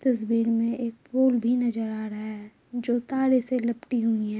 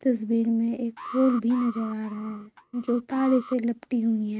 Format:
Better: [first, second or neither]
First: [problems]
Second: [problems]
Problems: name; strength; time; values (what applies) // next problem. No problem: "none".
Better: first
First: none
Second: noise reduction (neural mask model RNNoise)